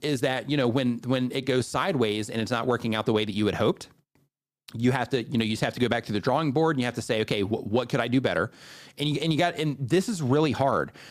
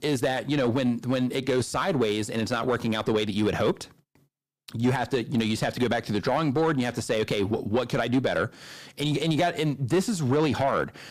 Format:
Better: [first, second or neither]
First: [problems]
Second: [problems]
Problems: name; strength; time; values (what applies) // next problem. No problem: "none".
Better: first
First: none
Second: distortion; slight; 10 dB below the speech